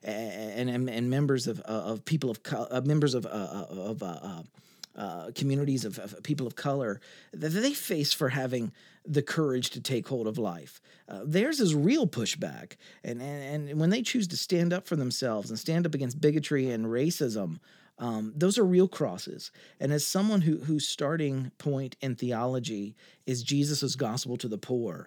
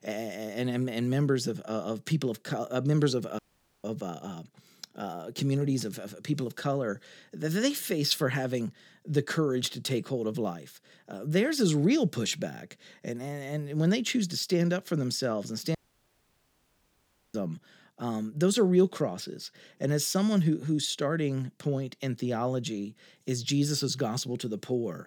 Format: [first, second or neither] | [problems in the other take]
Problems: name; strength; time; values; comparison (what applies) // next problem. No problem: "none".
first | audio cutting out; at 3.5 s and at 16 s for 1.5 s